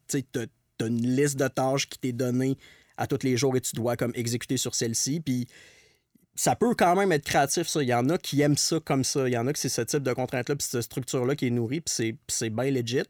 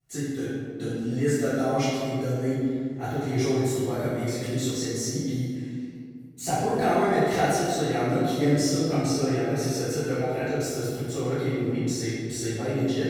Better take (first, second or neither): first